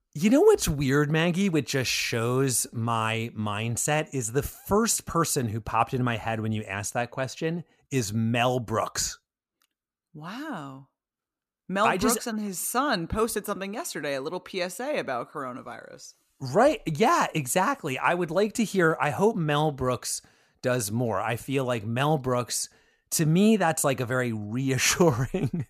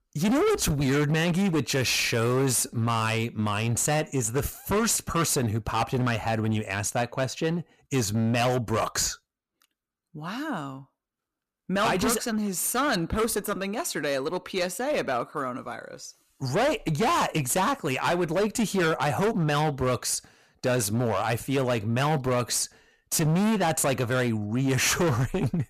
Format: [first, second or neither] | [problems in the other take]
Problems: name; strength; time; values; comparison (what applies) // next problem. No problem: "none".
first | distortion; heavy; 16% of the sound clipped